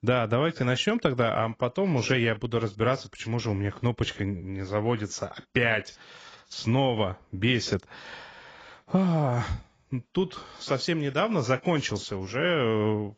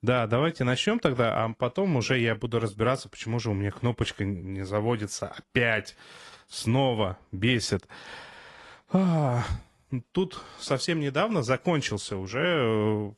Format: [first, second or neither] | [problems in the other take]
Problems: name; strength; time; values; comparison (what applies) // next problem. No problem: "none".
second | garbled, watery; badly; nothing above 7.5 kHz; slightly in the second